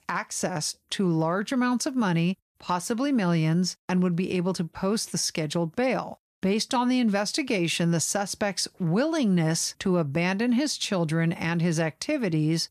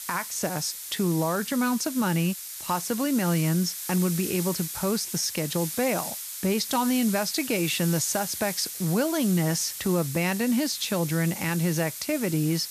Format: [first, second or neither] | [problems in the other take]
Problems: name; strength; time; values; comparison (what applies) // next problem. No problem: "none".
first | hiss; loud; throughout; 7 dB below the speech